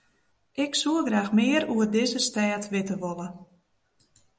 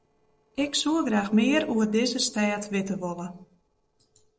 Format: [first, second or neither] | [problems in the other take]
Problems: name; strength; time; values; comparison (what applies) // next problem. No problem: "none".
first | noise reduction (neural separator model SepFormer DNS4)